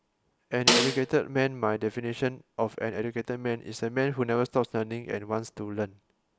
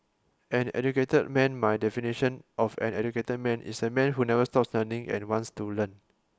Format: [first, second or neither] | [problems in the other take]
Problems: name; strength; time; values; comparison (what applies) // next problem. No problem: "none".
second | background sound (Snare drum); 2 dB above the speech